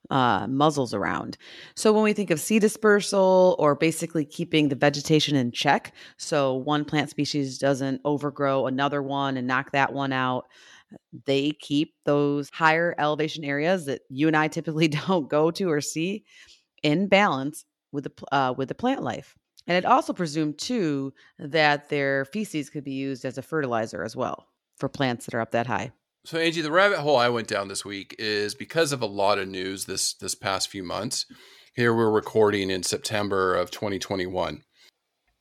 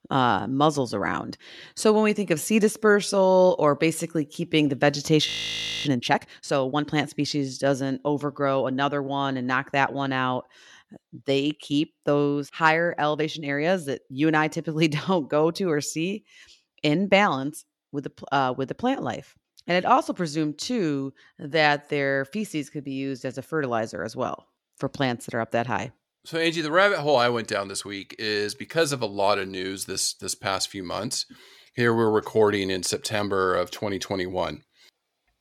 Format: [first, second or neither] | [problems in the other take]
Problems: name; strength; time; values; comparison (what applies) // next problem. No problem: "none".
first | audio freezing; at 5.5 s for 0.5 s